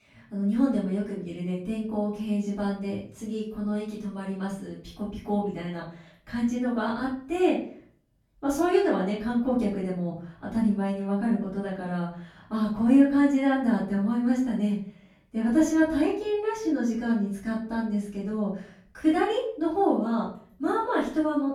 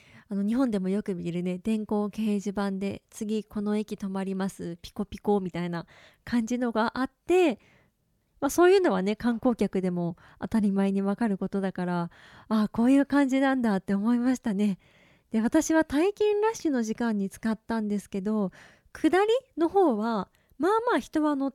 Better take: second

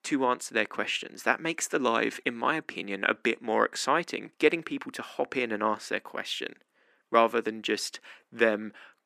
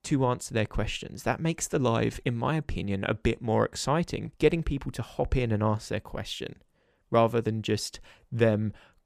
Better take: second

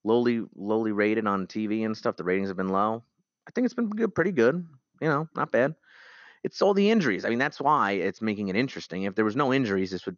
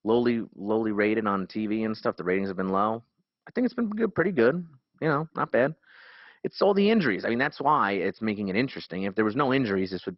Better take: first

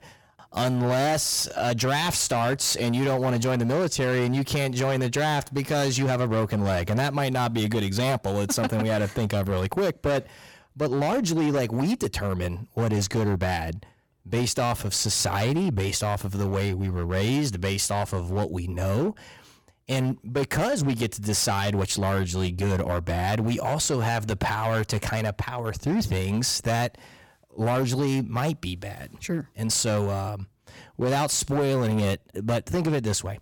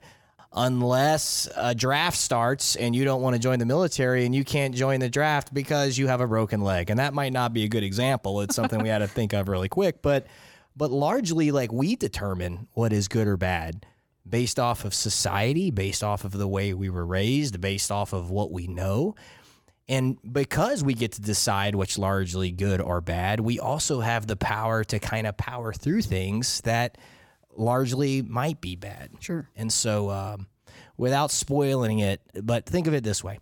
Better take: second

